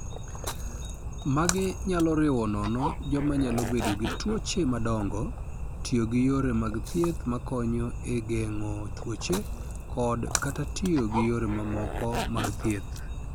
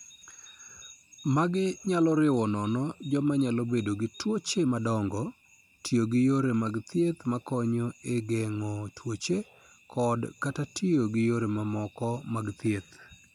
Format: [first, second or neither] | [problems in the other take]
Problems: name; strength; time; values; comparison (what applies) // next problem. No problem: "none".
second | background sound (Zipper (clothing) + Splash, splatter); 4 dB below the speech